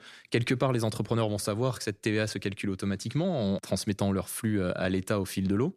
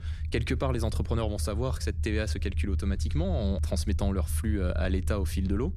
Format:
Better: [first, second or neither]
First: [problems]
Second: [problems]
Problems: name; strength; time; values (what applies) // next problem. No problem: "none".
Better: first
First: none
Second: low rumble; noticeable; throughout; 15 dB below the speech